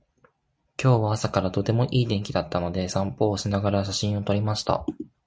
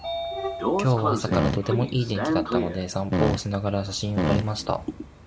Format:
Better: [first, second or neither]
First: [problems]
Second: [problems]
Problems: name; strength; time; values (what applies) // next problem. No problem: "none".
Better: first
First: none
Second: background sound (Sliding door / Train + Fart); as loud as the speech